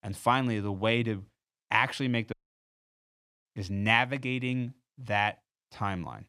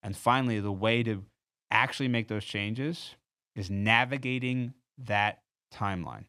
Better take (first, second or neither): second